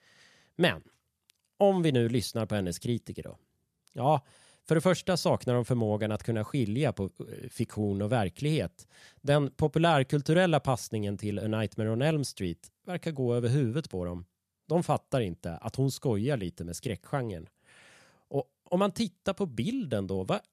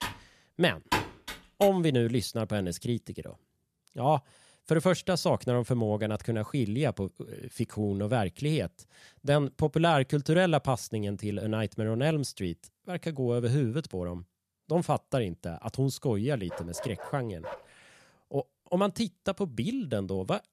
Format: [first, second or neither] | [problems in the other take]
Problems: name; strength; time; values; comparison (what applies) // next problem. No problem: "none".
first | keyboard typing; noticeable; until 1.5 s; peak 1 dB below the speech // dog barking; faint; from 16 to 18 s; peak 10 dB below the speech